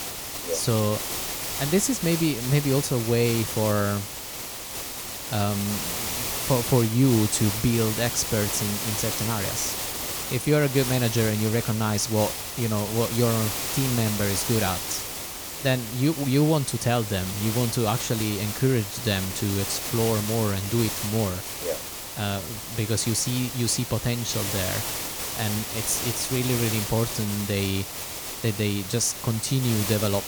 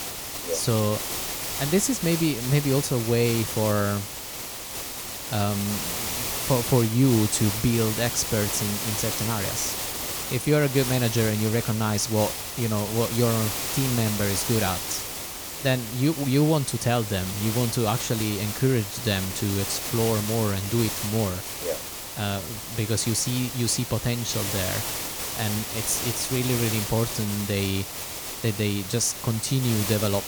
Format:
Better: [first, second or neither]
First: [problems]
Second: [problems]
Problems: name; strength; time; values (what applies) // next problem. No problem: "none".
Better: neither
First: hiss; loud; throughout; 4 dB below the speech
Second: hiss; loud; throughout; 4 dB below the speech